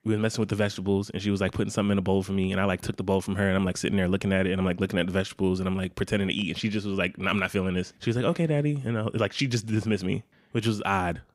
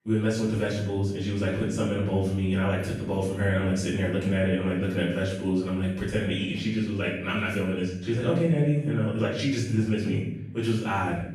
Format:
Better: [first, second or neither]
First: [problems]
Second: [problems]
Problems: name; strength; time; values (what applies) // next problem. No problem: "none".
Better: first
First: none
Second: room echo; noticeable; dies away in 0.7 s // off-mic speech; far